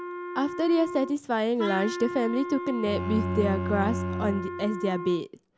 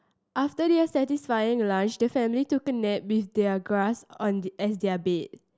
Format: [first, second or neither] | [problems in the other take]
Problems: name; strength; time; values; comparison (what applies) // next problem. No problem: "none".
second | background sound (Wind instrument, woodwind instrument + Bowed string instrument); 5 dB below the speech